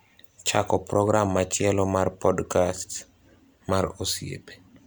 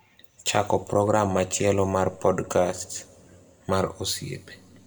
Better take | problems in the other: first | room echo; dies away in 1.8 s

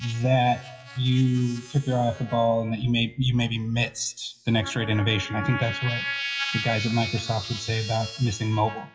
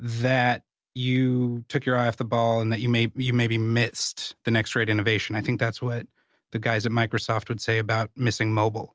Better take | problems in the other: second | noise reduction (classical method WPE with log-MMSE)

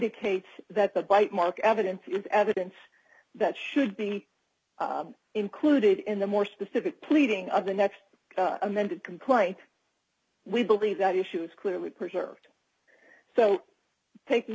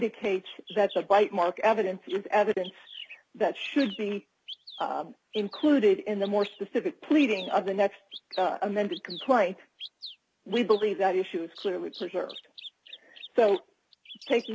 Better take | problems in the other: first | background sound (Bird vocalization, bird call, bird song); 20 dB below the speech

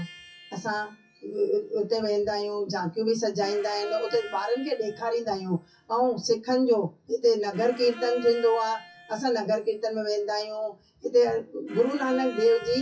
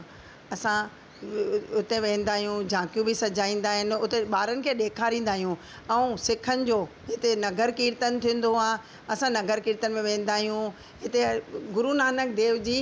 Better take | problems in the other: second | noise reduction (classical method WPE with log-MMSE)

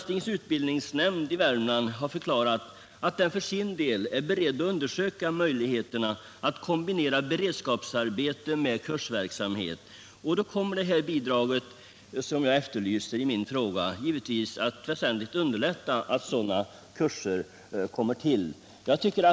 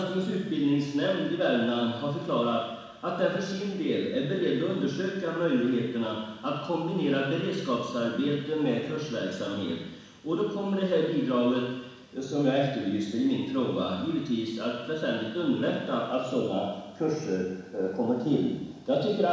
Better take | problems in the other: first | room echo; dies away in 1.1 s

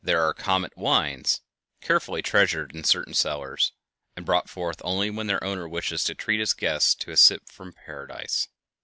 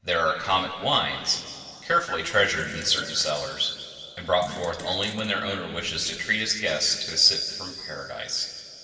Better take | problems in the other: first | background sound (Fart); 16 dB below the speech // room echo; dies away in 2.4 s

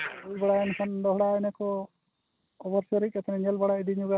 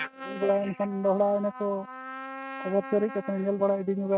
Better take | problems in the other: first | noise reduction (neural mask model RNNoise)

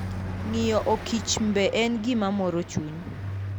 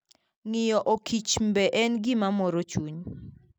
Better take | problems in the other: second | background sound (Car passing by); 8 dB below the speech

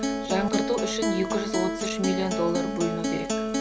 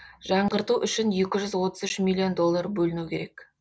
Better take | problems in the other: second | background sound (Acoustic guitar); 1 dB above the speech

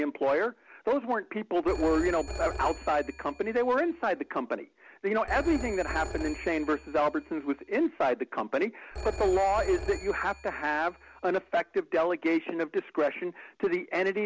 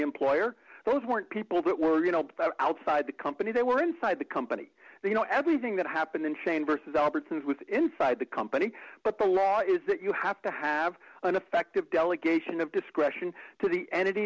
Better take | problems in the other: second | background sound (Telephone); 12 dB below the speech

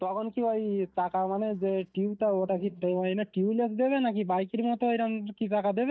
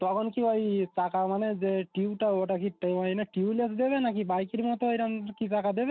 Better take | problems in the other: second | noise reduction (neural mask model DeepFilterNet 3)

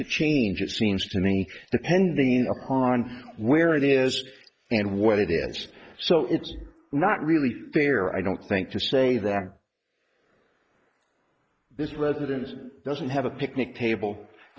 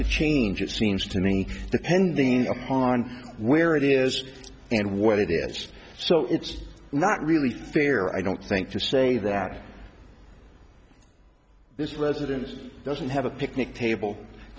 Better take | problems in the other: second | noise reduction (neural mask model Resemble Enhance denoiser)

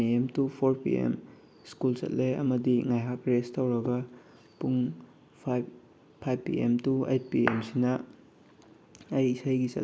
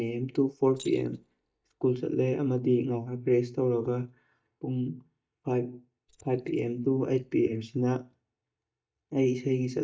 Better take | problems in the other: first | noise reduction (neural mask model DeepFilterNet 3)

